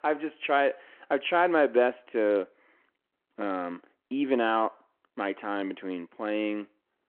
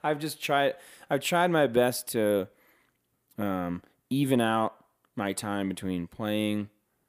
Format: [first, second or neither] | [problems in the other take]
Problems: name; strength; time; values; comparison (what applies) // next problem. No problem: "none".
second | phone-call audio